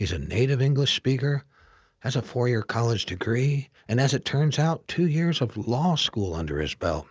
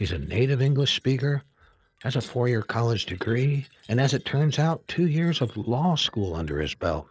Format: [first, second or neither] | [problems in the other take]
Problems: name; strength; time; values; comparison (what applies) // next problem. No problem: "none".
first | noise reduction (neural separator model SepFormer DNS4)